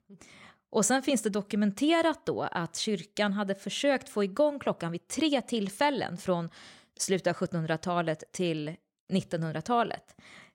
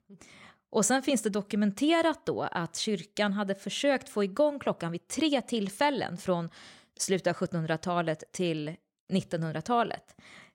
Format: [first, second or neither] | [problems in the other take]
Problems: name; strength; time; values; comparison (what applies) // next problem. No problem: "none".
neither | none